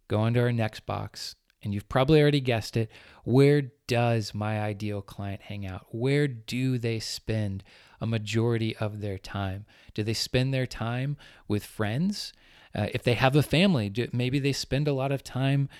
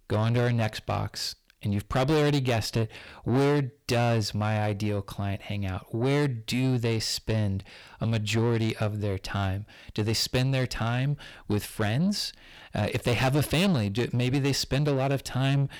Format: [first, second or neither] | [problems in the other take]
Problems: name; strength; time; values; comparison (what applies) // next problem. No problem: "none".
first | distortion; heavy; 8 dB below the speech